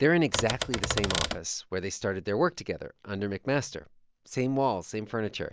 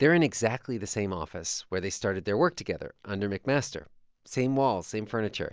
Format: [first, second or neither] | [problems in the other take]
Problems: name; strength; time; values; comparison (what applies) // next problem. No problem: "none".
second | background sound (Typewriter); 2 dB below the speech